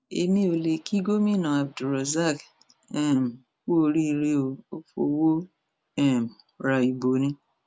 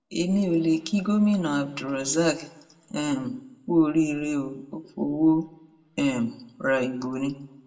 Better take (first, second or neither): first